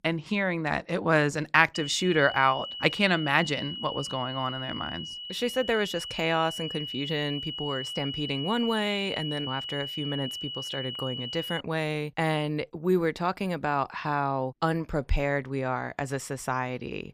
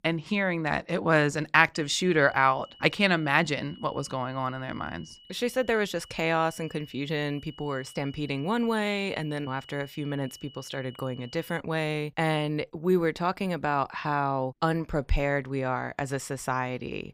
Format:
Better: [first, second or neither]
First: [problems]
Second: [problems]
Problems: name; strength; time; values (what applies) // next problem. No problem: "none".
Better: second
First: high-pitched whine; loud; from 2 to 12 s; 3 kHz, 6 dB below the speech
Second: high-pitched whine; faint; from 2 to 12 s; 3 kHz, 20 dB below the speech